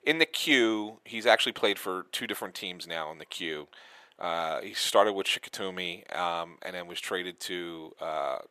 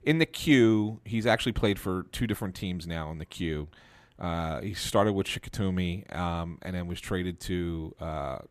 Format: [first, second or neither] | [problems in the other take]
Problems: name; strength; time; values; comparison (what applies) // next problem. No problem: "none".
second | thin; very; fading below 550 Hz